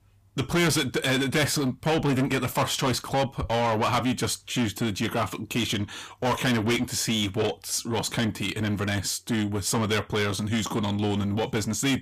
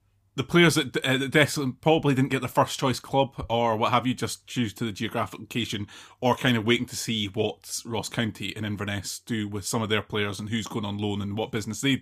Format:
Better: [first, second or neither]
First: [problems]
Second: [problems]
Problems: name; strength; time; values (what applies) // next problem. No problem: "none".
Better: second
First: distortion; heavy; 6 dB below the speech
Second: none